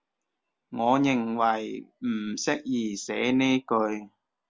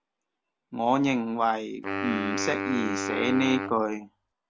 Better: first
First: none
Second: background sound (Wind instrument, woodwind instrument); 5 dB below the speech

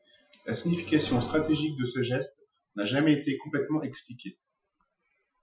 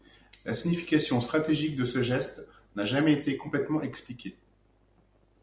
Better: second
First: noise reduction (classical method Wiener filter)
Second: none

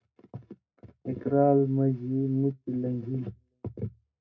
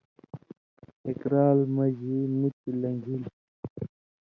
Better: second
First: room echo; dies away in 0.2 s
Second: none

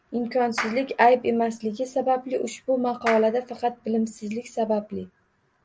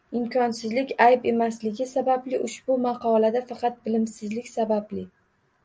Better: second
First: background sound (Clapping); 12 dB below the speech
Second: none

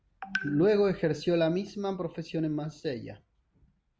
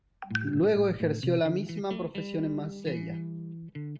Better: first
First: none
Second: background sound (Electric guitar); 6 dB below the speech

